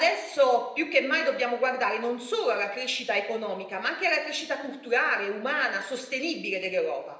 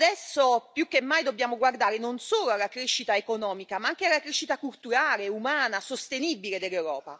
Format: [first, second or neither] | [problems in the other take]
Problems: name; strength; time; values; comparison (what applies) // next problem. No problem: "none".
second | room echo; dies away in 0.9 s